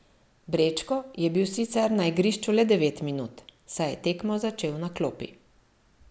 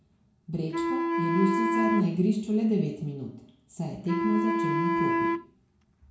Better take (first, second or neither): first